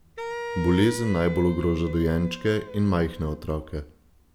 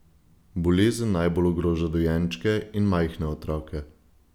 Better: second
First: background sound (Wind instrument, woodwind instrument); 12 dB below the speech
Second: none

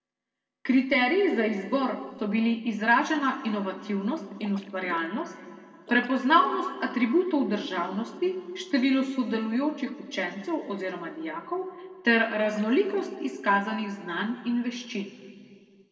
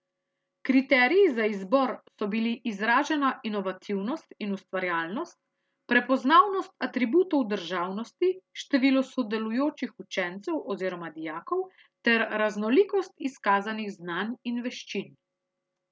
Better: second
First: noise reduction (neural separator model SepFormer DNS4)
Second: none

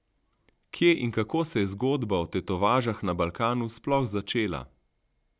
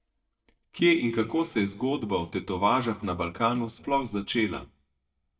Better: first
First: none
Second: noise reduction (neural mask model DeepFilterNet 3)

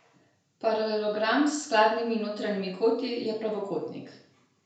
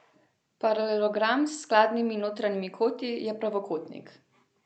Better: second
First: room echo; dies away in 0.5 s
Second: none

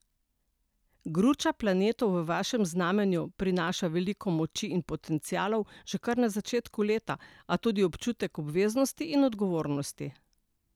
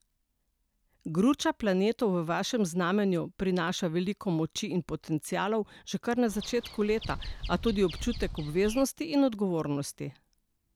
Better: first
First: none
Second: background sound (Bird vocalization, bird call, bird song); 9 dB below the speech

